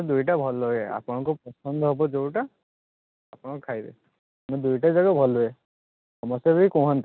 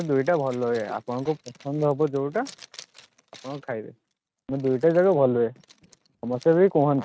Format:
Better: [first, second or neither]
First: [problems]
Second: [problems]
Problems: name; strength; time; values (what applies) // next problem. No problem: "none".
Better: first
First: none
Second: noise reduction (neural mask model RNNoise)